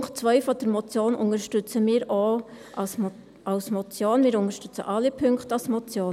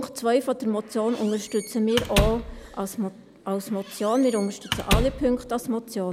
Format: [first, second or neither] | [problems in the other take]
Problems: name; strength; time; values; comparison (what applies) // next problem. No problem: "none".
first | background sound (Squeak / Slam); 4 dB below the speech